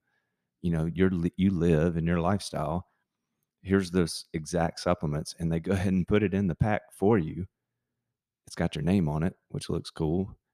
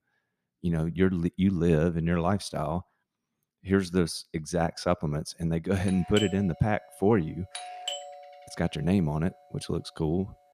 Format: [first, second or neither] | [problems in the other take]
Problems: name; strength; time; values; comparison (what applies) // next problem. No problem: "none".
first | doorbell; noticeable; from 6 to 8 s; peak 6 dB below the speech